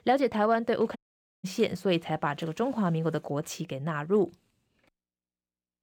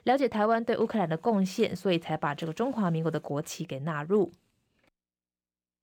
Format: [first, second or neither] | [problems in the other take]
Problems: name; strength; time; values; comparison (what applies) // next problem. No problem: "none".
second | audio cutting out; at 1 s